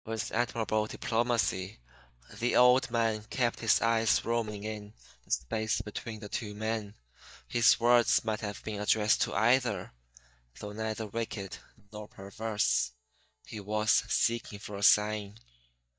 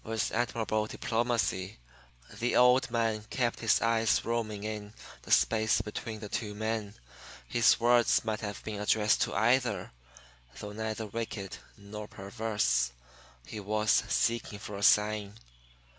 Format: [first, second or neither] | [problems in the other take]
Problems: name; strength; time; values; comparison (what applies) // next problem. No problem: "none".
second | noise reduction (neural mask model DeepFilterNet 3)